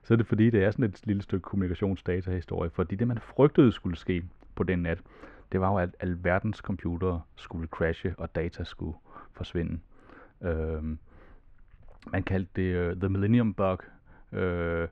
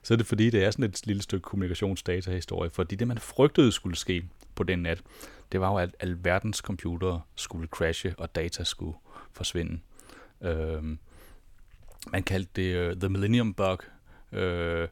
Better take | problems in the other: second | muffled; very; fading above 1.5 kHz

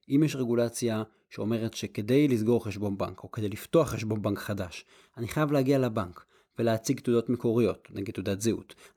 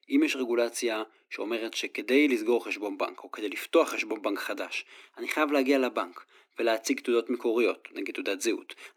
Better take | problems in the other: first | thin; very slightly; fading below 250 Hz

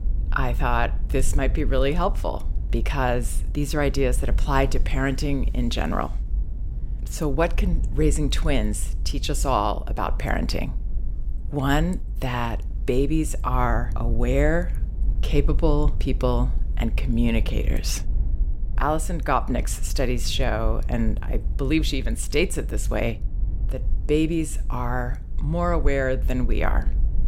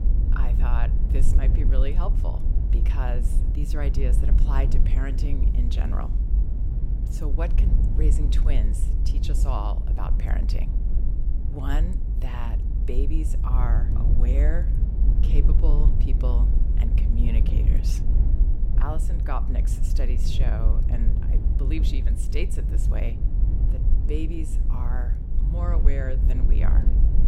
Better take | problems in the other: first | low rumble; loud; throughout; 4 dB below the speech; faint in the first

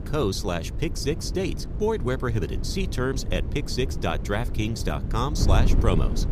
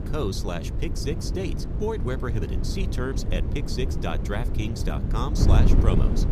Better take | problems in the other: first | wind noise on the microphone; heavy; 4 dB below the speech; occasional gusts in the first

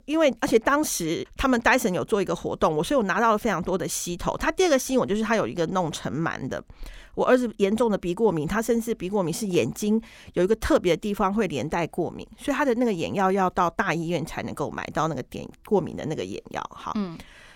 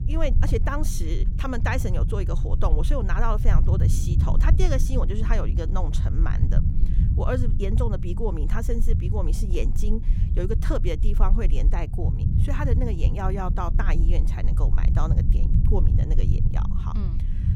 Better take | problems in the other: first | low rumble; loud; throughout; 7 dB below the speech

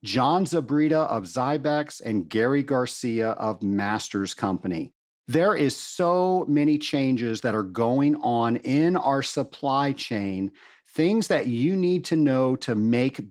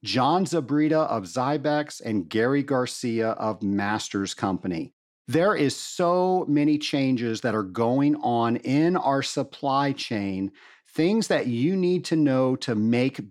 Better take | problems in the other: second | garbled, watery; slightly

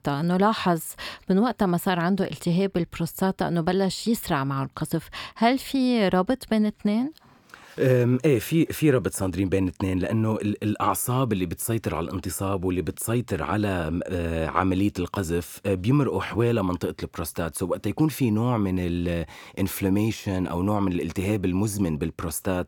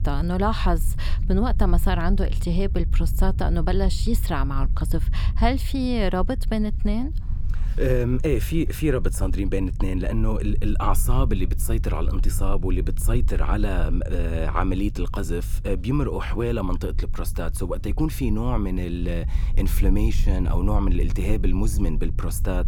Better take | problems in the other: first | low rumble; noticeable; throughout; 15 dB below the speech

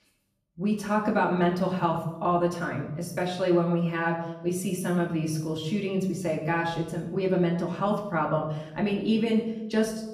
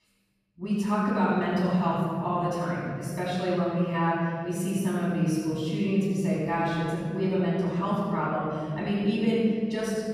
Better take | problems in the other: first | room echo; strong; dies away in 2.1 s; slight in the first // off-mic speech; far; far in the first

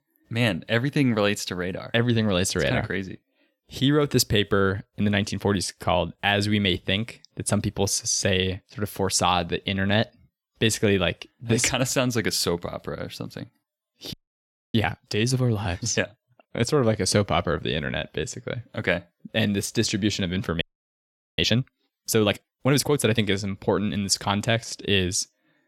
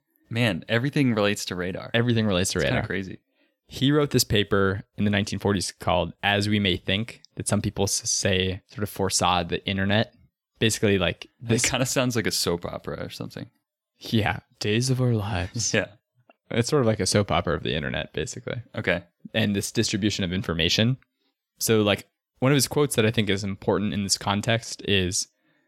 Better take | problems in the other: second | audio freezing; at 14 s for 0.5 s and at 21 s for 1 s

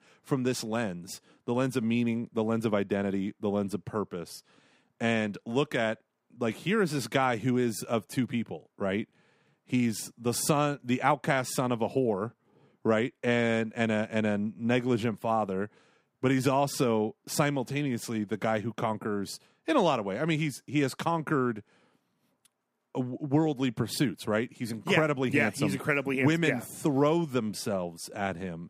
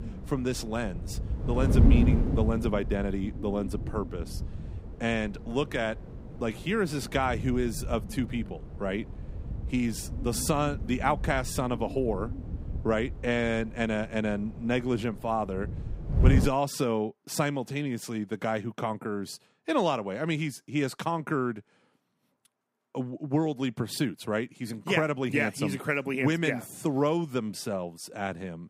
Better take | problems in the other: first | wind noise on the microphone; occasional gusts; until 16 s; 10 dB below the speech

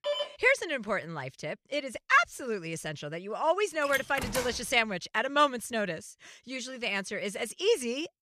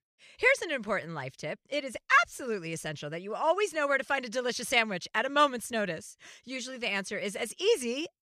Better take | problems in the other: second | phone ringing; noticeable; at the start; peak 3 dB below the speech // door banging; noticeable; at 4 s; peak 6 dB below the speech

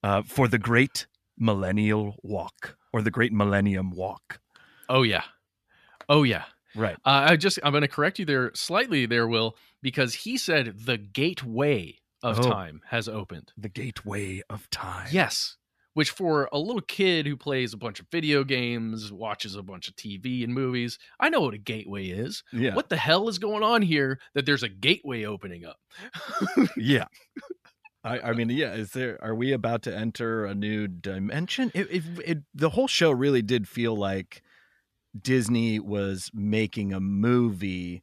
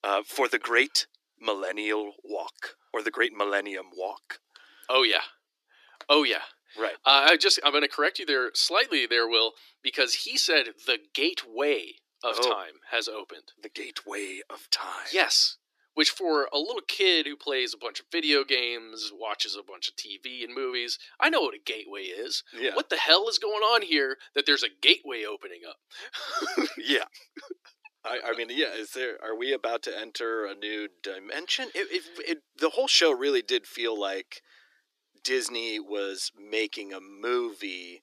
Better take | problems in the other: first | thin; very; fading below 300 Hz

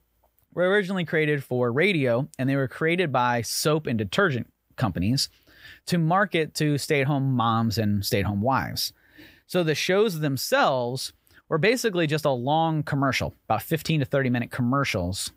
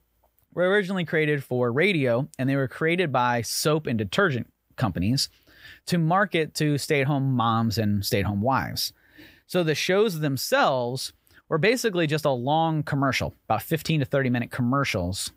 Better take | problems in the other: neither | none

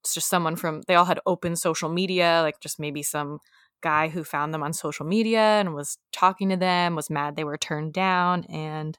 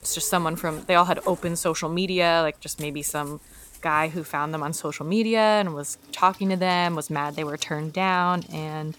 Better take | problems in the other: first | household noises; faint; throughout; 25 dB below the speech

